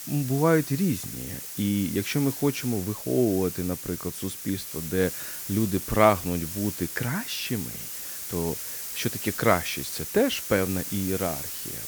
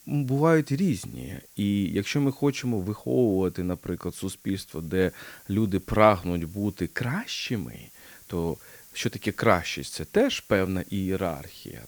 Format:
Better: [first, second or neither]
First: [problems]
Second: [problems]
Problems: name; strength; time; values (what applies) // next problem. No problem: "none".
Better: second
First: hiss; loud; throughout; 6 dB below the speech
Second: hiss; faint; throughout; 20 dB below the speech